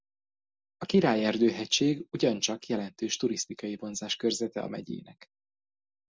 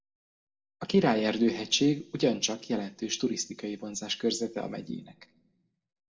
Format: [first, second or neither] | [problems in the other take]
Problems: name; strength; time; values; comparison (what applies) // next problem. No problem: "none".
first | room echo; dies away in 0.6 s